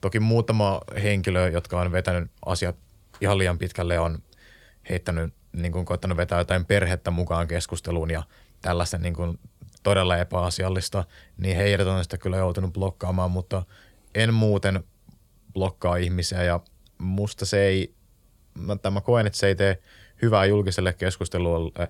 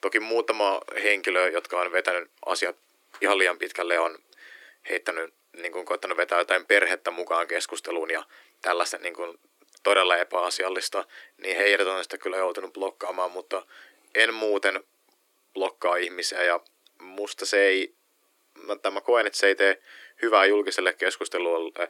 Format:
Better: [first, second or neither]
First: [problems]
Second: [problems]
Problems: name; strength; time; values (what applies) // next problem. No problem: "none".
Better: first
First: none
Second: thin; very; fading below 300 Hz